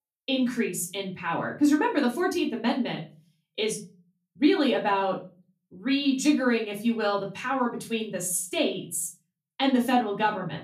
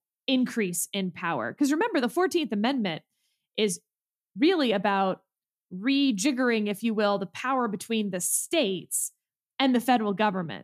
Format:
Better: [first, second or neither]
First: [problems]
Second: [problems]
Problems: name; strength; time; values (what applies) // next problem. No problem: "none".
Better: second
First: off-mic speech; far // room echo; very slight; dies away in 0.3 s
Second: none